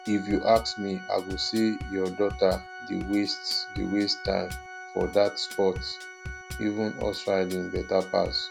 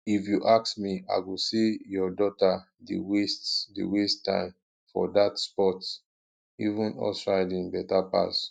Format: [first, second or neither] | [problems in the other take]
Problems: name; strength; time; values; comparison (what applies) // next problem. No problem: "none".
second | background sound (Organ + Bass drum / Drum kit); 12 dB below the speech